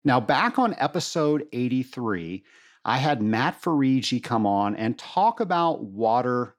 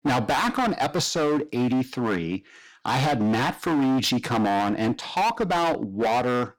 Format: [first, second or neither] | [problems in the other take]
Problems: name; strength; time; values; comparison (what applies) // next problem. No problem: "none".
first | distortion; heavy; 24% of the sound clipped